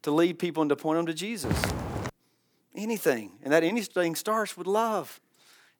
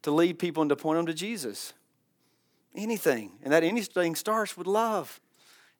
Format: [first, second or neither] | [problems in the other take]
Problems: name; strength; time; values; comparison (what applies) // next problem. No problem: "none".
second | footsteps; noticeable; at 1.5 s; peak 1 dB below the speech